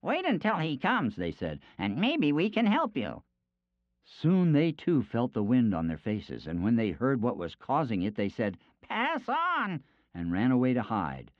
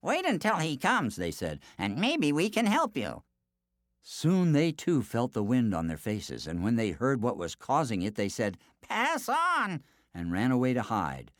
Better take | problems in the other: second | muffled; slightly; fading above 3 kHz

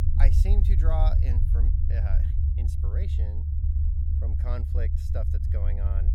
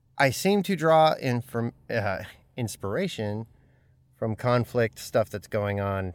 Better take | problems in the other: second | low rumble; loud; throughout; 2 dB below the speech

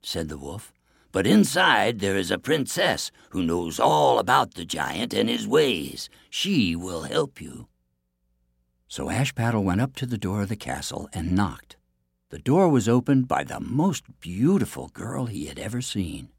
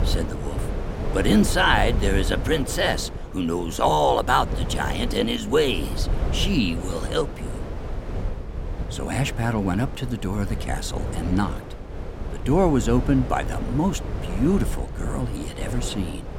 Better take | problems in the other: first | wind noise on the microphone; occasional gusts; 10 dB below the speech

